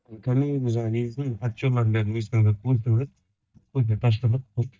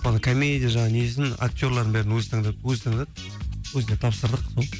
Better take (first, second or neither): second